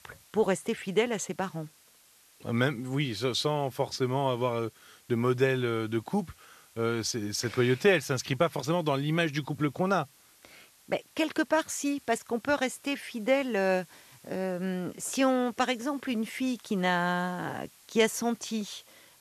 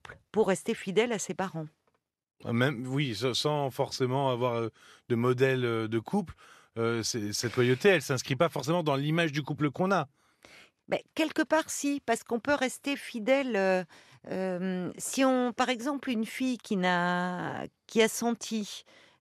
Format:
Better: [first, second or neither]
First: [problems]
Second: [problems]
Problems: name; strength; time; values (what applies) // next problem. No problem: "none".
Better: second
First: hiss; faint; throughout; 25 dB below the speech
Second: none